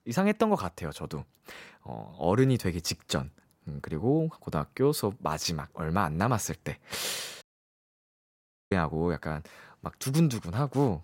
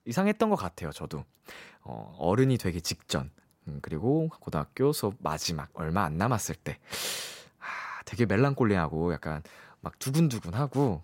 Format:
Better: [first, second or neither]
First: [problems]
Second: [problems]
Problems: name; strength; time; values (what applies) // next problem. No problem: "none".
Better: second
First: audio cutting out; at 7.5 s for 1.5 s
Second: none